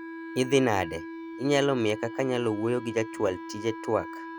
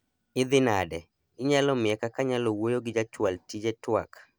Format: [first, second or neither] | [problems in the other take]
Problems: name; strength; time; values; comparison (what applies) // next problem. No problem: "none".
second | background sound (Wind instrument, woodwind instrument); 11 dB below the speech